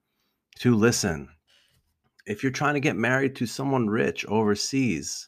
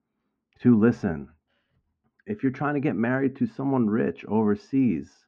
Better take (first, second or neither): first